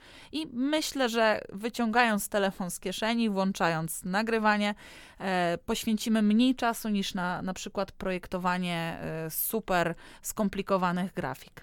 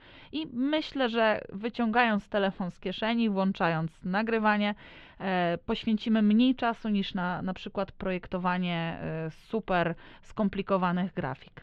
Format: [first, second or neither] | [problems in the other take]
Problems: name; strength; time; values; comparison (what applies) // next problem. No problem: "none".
first | muffled; slightly; fading above 3.5 kHz